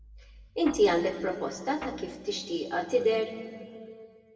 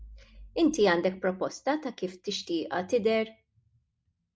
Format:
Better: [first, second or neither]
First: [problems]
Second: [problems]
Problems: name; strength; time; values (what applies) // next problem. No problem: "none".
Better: second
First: background sound (Guitar); 16 dB below the speech // room echo; dies away in 1.8 s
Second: none